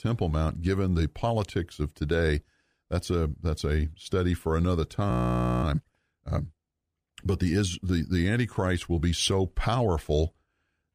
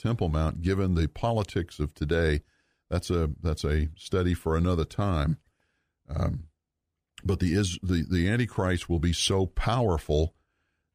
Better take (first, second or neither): second